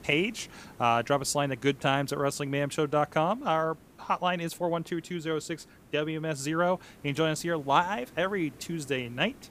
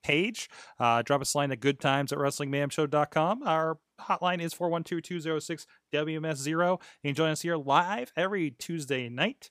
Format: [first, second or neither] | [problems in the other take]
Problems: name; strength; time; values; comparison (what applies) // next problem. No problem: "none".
second | hiss; faint; throughout; 25 dB below the speech